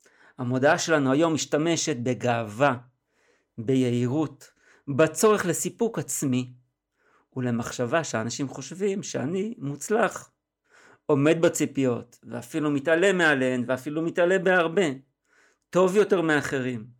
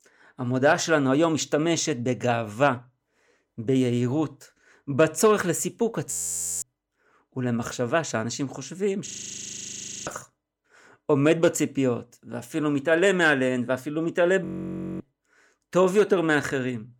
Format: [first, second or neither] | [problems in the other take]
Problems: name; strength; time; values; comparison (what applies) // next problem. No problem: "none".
first | audio freezing; at 6 s for 0.5 s, at 9 s for 1 s and at 14 s for 0.5 s